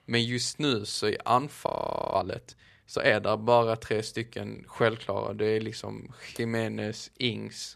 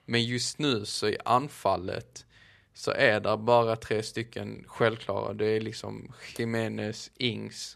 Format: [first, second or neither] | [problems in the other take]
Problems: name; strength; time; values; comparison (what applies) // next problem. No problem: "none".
second | audio freezing; at 1.5 s